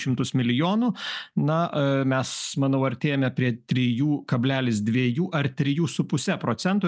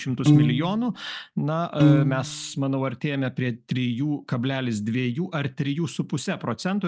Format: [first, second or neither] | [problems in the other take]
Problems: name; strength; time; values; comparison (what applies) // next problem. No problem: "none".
first | background sound (Piano); 5 dB above the speech